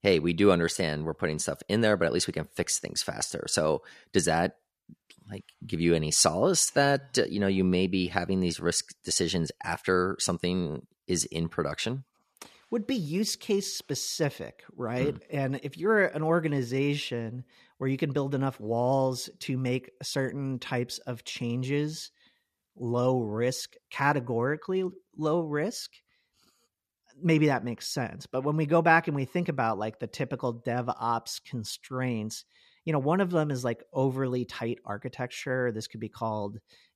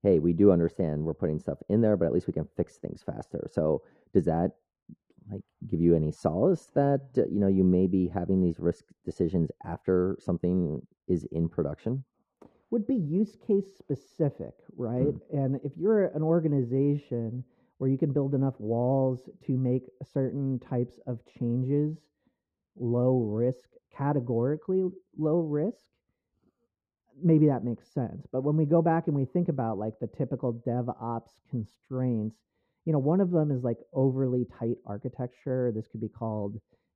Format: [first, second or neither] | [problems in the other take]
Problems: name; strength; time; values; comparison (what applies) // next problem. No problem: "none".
first | muffled; very; fading above 1.5 kHz